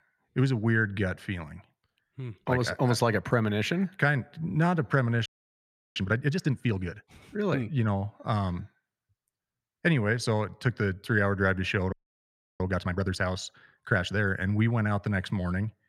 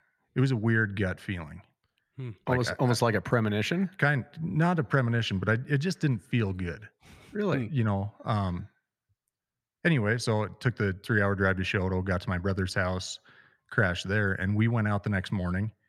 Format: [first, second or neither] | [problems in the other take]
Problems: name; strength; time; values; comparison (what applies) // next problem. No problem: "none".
second | audio freezing; at 5.5 s for 0.5 s and at 12 s for 0.5 s